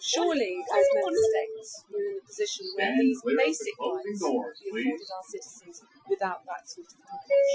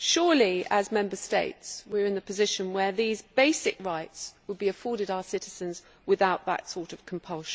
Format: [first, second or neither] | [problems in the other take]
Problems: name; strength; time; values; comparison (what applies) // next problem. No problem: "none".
second | noise reduction (classical method Wiener filter)